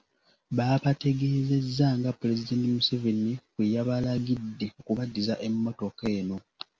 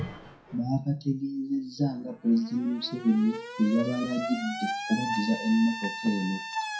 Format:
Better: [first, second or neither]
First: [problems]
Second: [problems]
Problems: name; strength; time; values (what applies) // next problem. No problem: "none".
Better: first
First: none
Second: noise reduction (classical method WPE with log-MMSE)